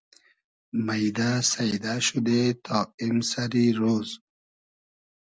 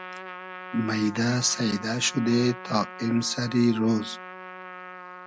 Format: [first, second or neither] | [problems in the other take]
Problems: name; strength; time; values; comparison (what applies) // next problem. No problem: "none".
first | background sound (Trumpet); 14 dB below the speech